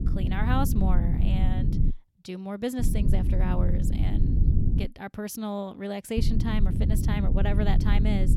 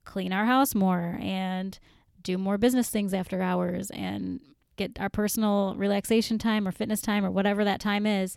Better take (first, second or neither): second